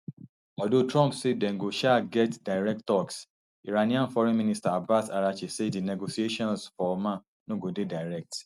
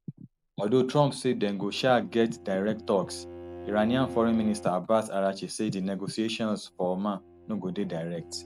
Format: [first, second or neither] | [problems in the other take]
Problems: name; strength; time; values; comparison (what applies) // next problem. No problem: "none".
first | background sound (Bowed string instrument); 17 dB below the speech